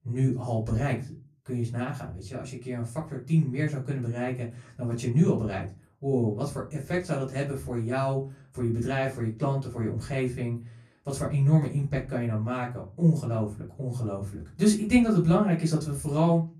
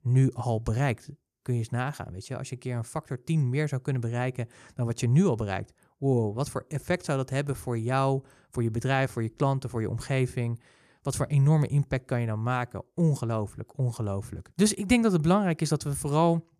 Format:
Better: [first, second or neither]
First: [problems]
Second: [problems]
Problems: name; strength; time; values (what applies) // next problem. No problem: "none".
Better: second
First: off-mic speech; far // room echo; very slight; dies away in 0.3 s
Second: none